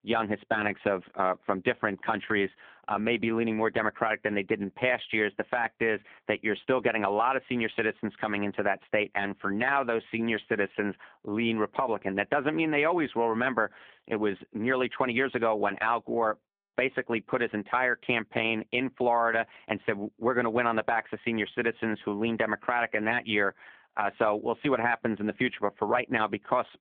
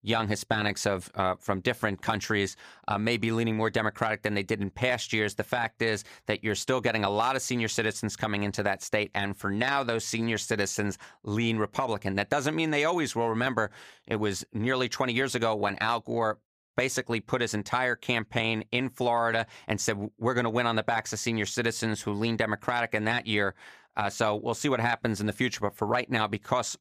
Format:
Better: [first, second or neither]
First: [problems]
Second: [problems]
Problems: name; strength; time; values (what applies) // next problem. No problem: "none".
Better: second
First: phone-call audio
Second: none